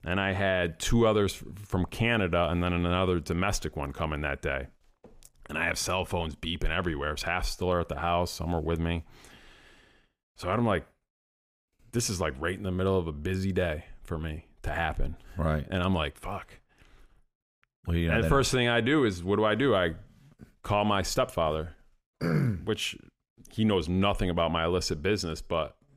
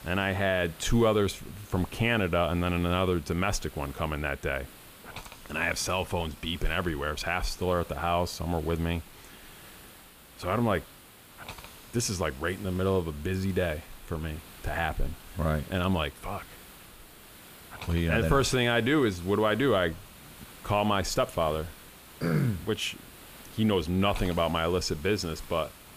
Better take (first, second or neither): first